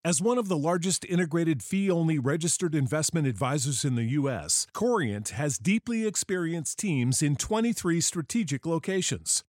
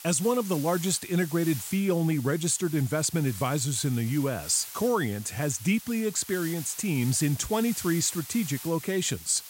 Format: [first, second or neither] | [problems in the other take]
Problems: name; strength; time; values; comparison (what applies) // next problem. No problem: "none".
first | hiss; noticeable; throughout; 10 dB below the speech